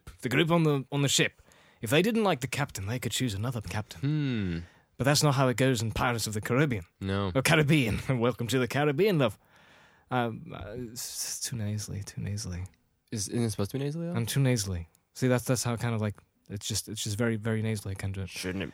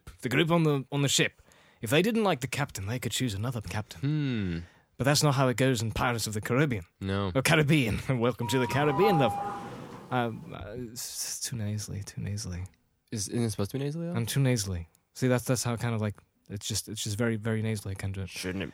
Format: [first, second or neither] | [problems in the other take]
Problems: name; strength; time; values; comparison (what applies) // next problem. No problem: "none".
first | doorbell; noticeable; from 8.5 to 10 s; peak level with the speech